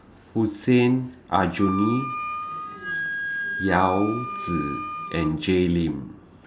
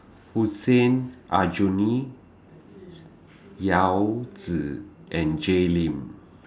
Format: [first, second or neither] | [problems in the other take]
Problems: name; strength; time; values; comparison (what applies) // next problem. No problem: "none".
second | background sound (Wind instrument, woodwind instrument); 8 dB below the speech